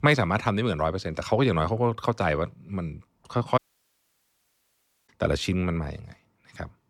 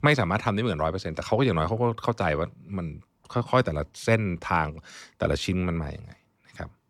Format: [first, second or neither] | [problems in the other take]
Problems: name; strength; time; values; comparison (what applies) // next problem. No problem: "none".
second | audio cutting out; at 3.5 s for 1.5 s